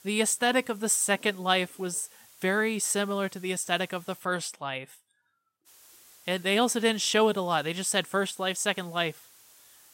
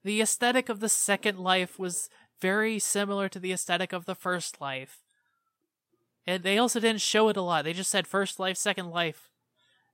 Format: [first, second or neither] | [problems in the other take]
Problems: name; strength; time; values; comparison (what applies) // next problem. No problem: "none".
second | hiss; faint; until 4 s and from 5.5 s on; 25 dB below the speech